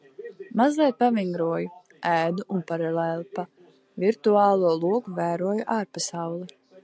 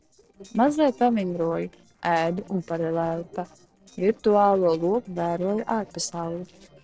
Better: first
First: none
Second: noise reduction (neural separator model SepFormer DNS4)

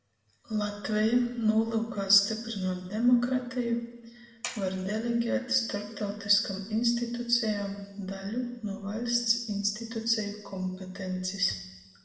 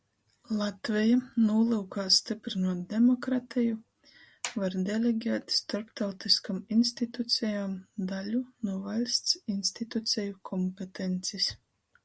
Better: second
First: room echo; dies away in 1.1 s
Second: none

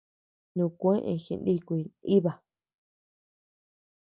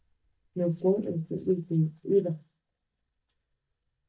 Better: first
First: none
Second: noise reduction (neural mask model DeepFilterNet 3)

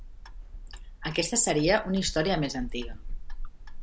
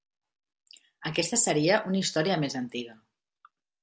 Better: second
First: background sound (Clock); 7 dB below the speech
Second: none

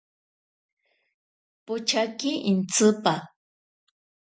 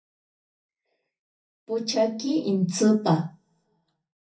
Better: first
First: none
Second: room echo; dies away in 0.3 s

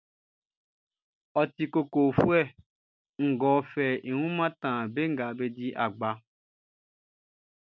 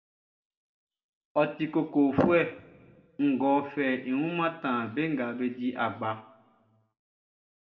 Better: first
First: none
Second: room echo; dies away in 0.9 s

